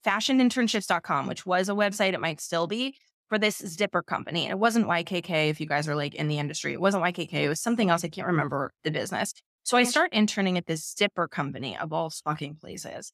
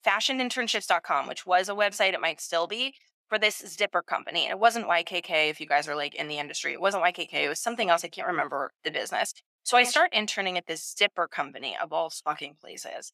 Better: first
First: none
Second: thin; somewhat; fading below 450 Hz

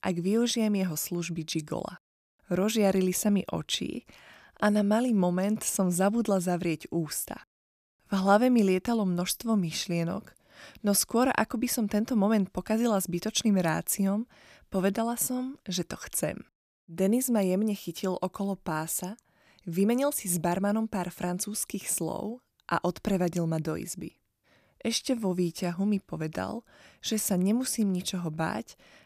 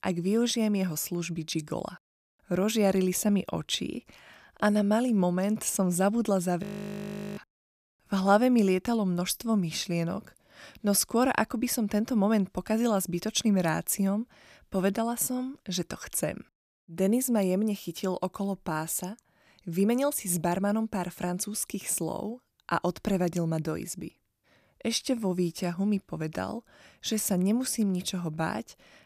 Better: first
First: none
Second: audio freezing; at 6.5 s for 0.5 s

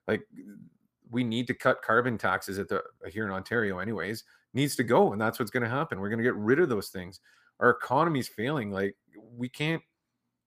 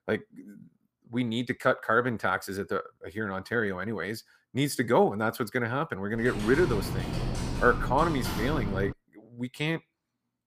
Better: first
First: none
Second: keyboard typing; noticeable; from 6 to 9 s; peak 4 dB below the speech

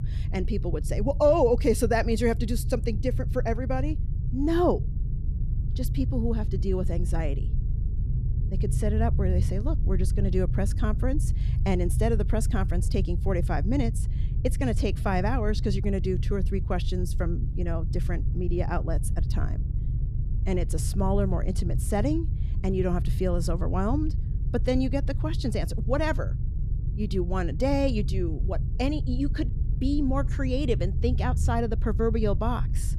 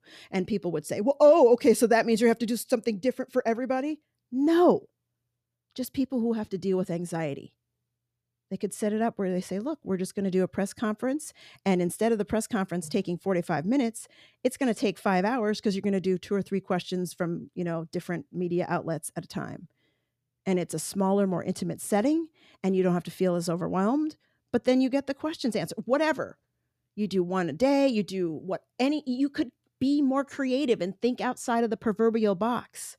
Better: second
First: low rumble; noticeable; throughout; 15 dB below the speech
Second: none

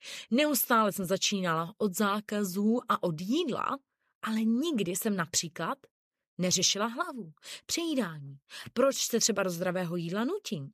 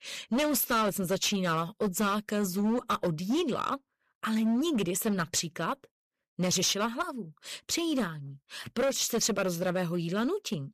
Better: first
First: none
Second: distortion; slight; 10% of the sound clipped

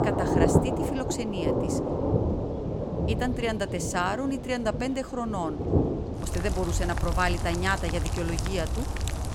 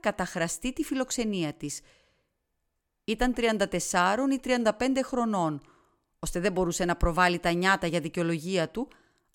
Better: second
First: rain or running water; very loud; throughout; 1 dB above the speech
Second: none

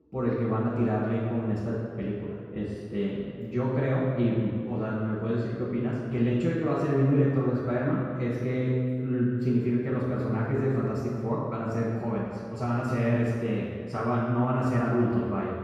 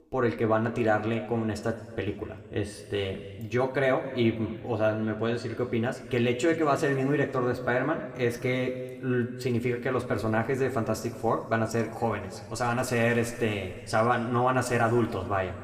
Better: second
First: room echo; strong; dies away in 2 s // off-mic speech; far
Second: room echo; slight; dies away in 2 s

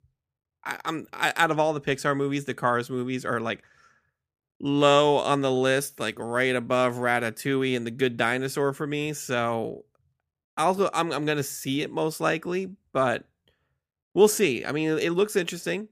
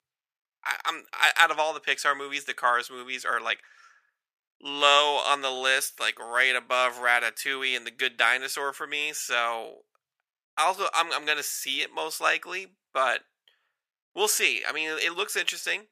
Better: first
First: none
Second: thin; very; fading below 900 Hz

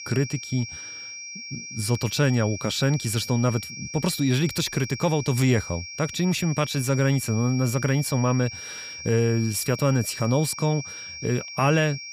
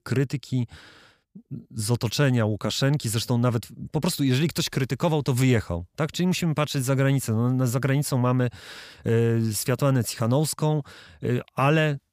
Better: second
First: high-pitched whine; noticeable; throughout; 2.5 kHz, 10 dB below the speech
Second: none

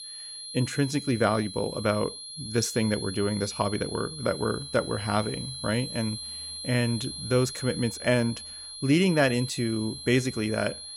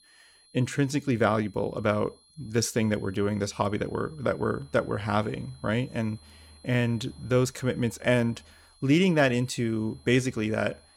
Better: second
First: high-pitched whine; loud; throughout; 4 kHz, 9 dB below the speech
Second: high-pitched whine; faint; throughout; 4 kHz, 30 dB below the speech

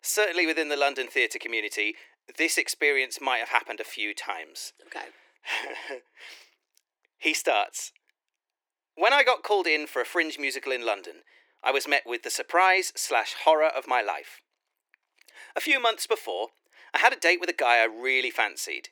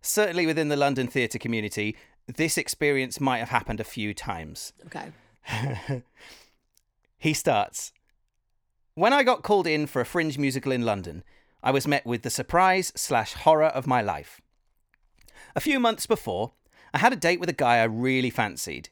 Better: second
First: thin; very; fading below 350 Hz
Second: none

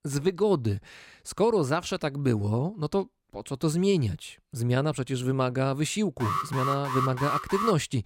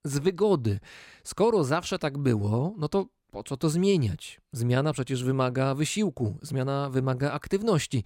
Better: second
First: alarm; noticeable; from 6 s on; peak 2 dB below the speech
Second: none

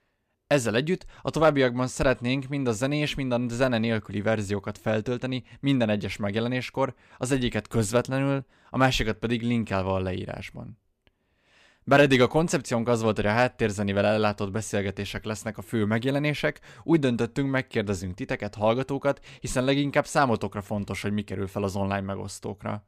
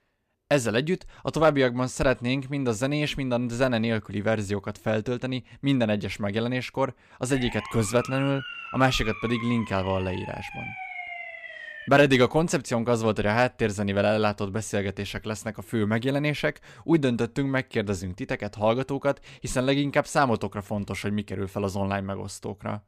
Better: first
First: none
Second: siren; noticeable; from 7.5 to 12 s; peak 9 dB below the speech

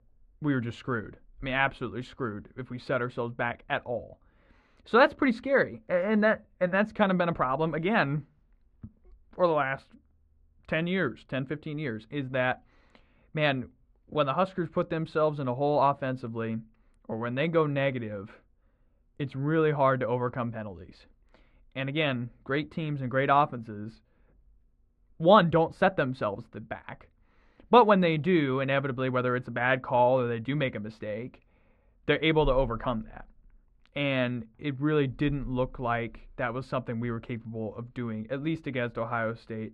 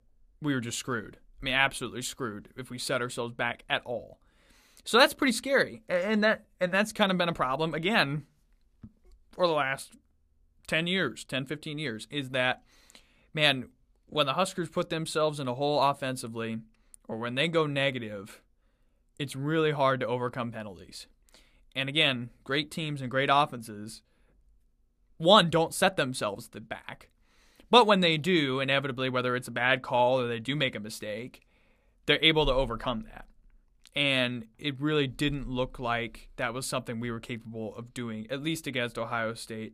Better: second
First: muffled; very; fading above 2 kHz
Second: none

